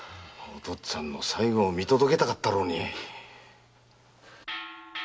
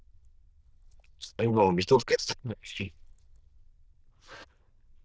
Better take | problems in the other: first | noise reduction (neural diffusion model UNIVERSE++)

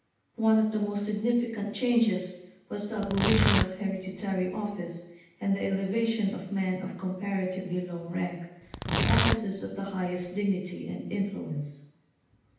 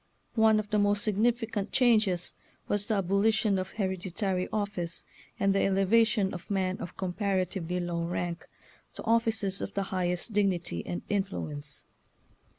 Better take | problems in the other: second | background sound (Tearing); as loud as the speech // room echo; dies away in 0.9 s

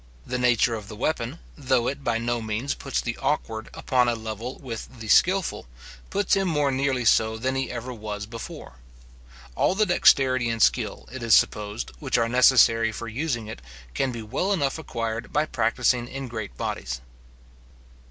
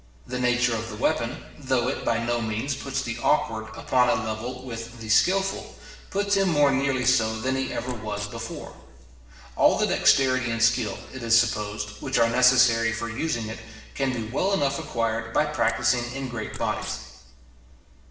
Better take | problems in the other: first | background sound (Wild animals); 14 dB below the speech // room echo; dies away in 1 s

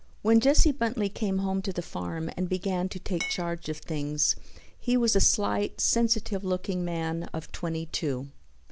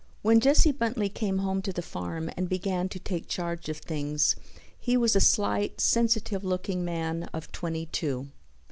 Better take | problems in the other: second | background sound (Glass); 10 dB below the speech

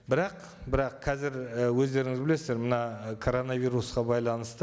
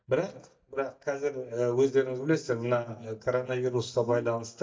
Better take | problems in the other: first | noise reduction (neural mask model DeepFilterNet 3)

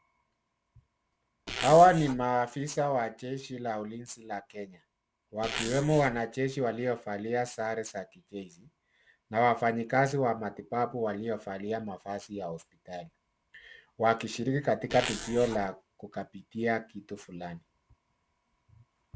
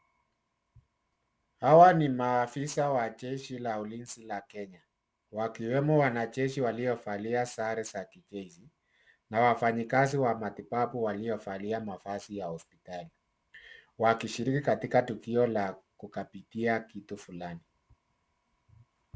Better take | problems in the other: second | background sound (Zipper (clothing)); 7 dB below the speech

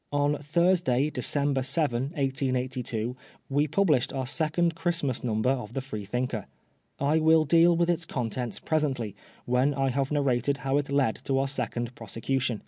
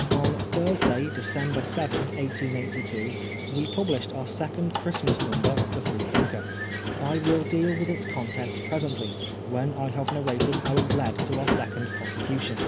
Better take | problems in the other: first | background sound (Squeak); as loud as the speech

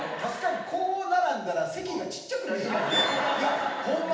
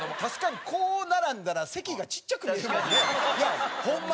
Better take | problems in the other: second | room echo; dies away in 0.8 s

